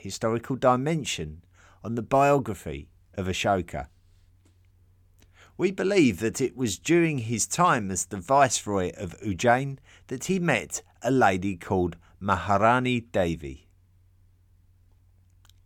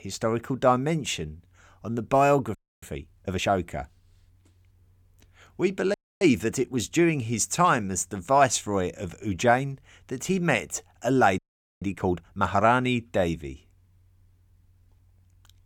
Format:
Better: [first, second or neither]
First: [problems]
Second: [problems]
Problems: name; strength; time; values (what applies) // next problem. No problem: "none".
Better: first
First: none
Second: audio freezing; at 2.5 s, at 6 s and at 11 s